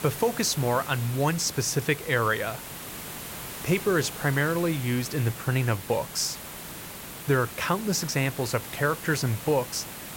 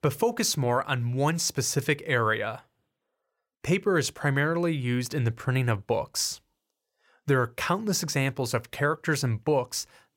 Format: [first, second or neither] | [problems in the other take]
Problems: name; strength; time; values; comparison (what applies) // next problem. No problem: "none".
second | hiss; noticeable; throughout; 10 dB below the speech